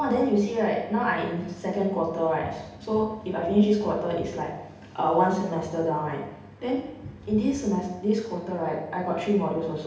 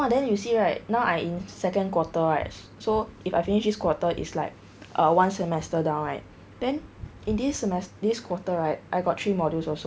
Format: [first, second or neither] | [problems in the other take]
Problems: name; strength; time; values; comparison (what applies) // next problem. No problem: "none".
second | room echo; dies away in 0.8 s